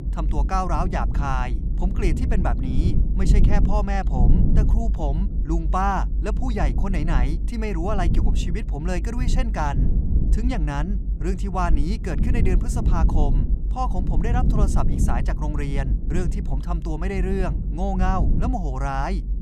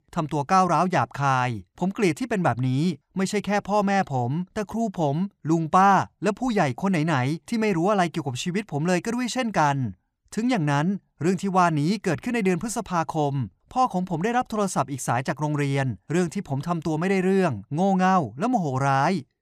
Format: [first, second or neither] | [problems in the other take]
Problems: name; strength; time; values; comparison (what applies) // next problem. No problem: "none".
second | low rumble; loud; throughout; 9 dB below the speech